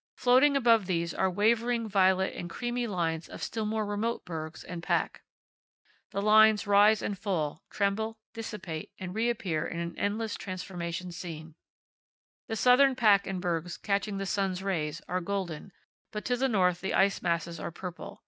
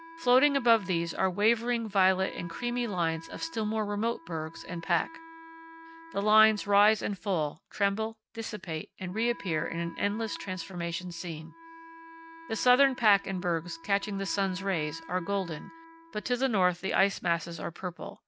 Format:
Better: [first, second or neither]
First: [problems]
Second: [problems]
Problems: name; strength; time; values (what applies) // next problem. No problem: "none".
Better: first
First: none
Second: background sound (Wind instrument, woodwind instrument); 20 dB below the speech